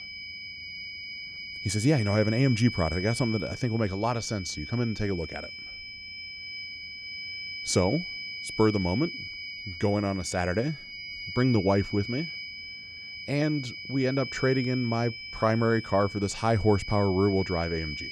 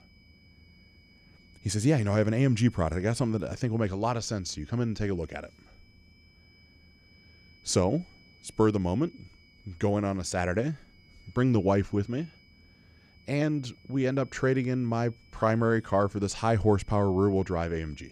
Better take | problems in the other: second | high-pitched whine; loud; throughout; 2.5 kHz, 9 dB below the speech; faint in the second

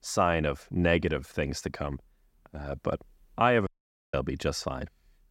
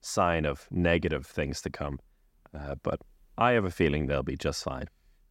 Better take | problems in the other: second | audio cutting out; at 3.5 s

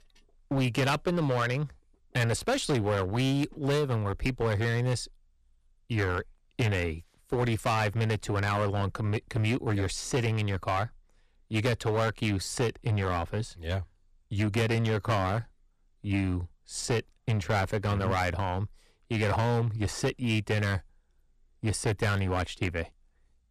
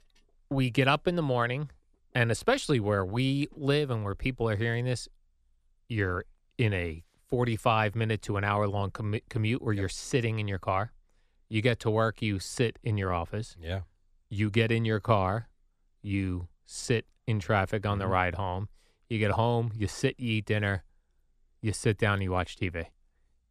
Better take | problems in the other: second | distortion; heavy; 10% of the sound clipped

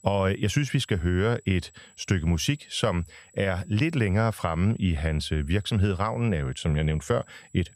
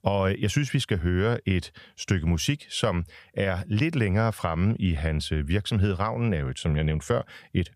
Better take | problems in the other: second | high-pitched whine; faint; throughout; 8 kHz, 30 dB below the speech

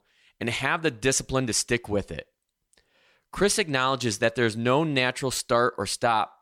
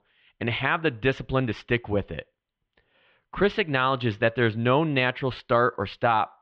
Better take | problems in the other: first | muffled; very; fading above 3.5 kHz

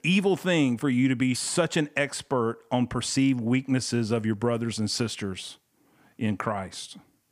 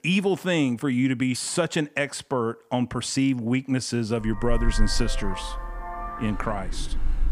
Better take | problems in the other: first | traffic noise; loud; from 4.5 s on; 7 dB below the speech

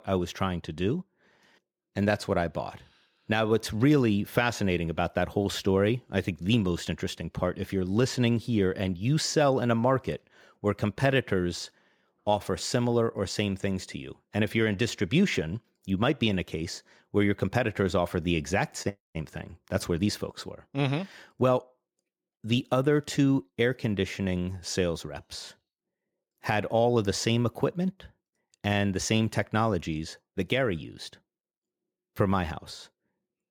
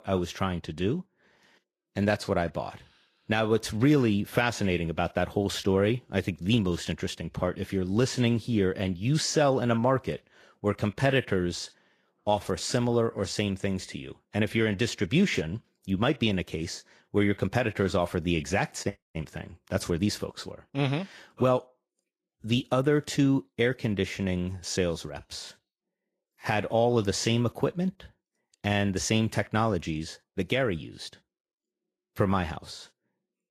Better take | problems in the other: first | garbled, watery; slightly; nothing above 13 kHz

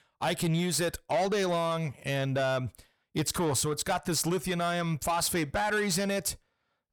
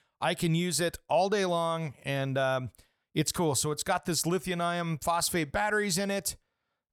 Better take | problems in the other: second | distortion; slight; 10 dB below the speech

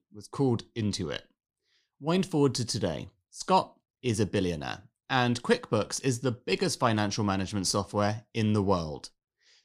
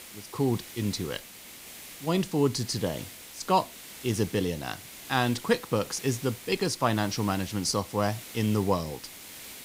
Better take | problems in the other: first | hiss; noticeable; throughout; 15 dB below the speech

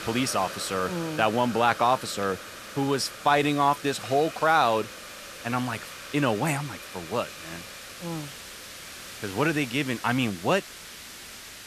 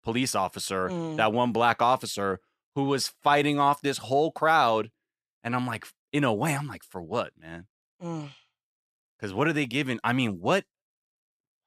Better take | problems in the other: second | hiss; noticeable; throughout; 15 dB below the speech

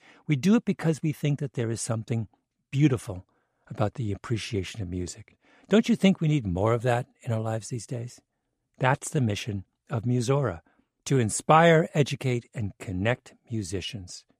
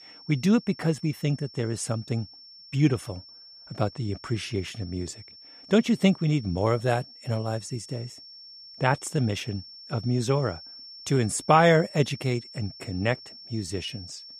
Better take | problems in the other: first | high-pitched whine; noticeable; throughout; 5.5 kHz, 15 dB below the speech

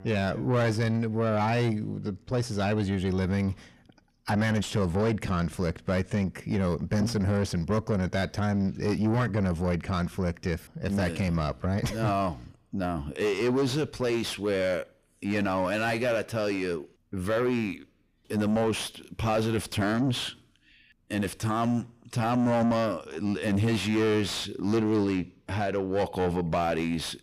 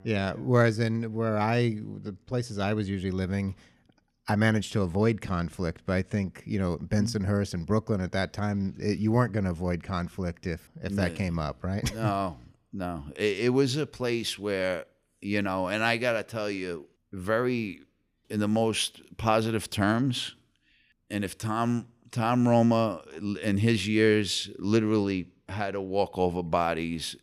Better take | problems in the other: second | distortion; heavy; 7 dB below the speech

